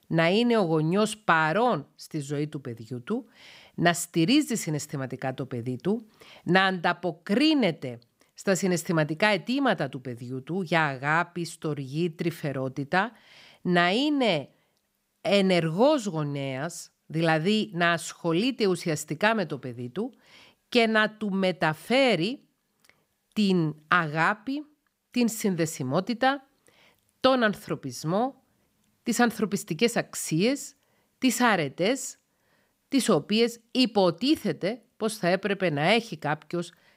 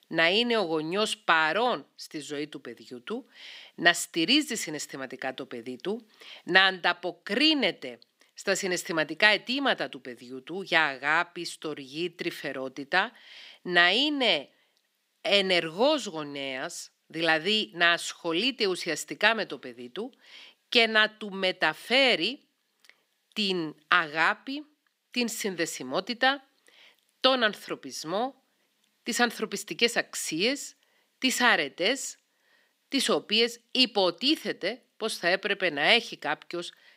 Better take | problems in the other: first | thin; very slightly; fading below 250 Hz

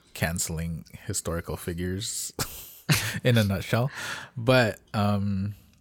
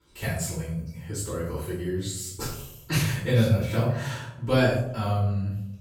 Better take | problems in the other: first | off-mic speech; far // room echo; noticeable; dies away in 0.7 s

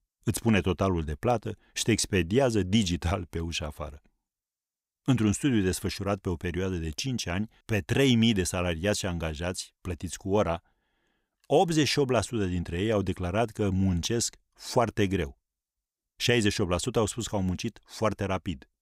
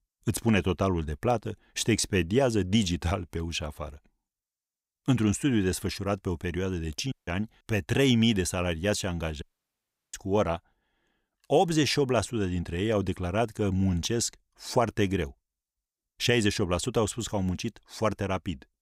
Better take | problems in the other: first | audio cutting out; at 7 s and at 9.5 s for 0.5 s

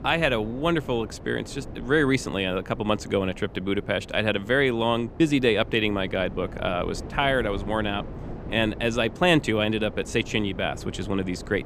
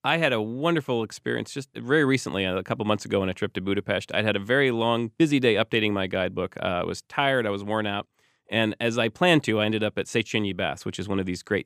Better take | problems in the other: second | wind noise on the microphone; occasional gusts; 20 dB below the speech

